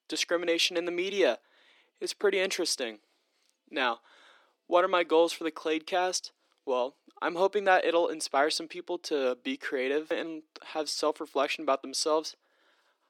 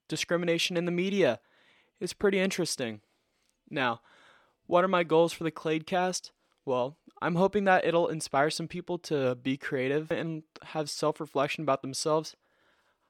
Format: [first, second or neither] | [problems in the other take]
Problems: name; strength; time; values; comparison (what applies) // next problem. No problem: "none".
second | thin; somewhat; fading below 300 Hz